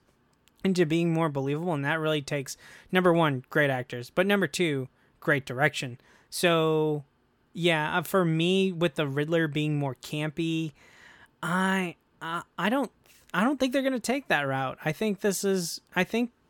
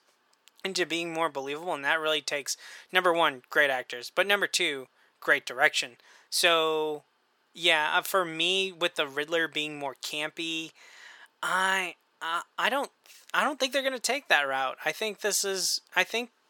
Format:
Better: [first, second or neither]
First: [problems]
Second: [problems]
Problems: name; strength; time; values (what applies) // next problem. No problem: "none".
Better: first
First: none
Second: thin; very; fading below 550 Hz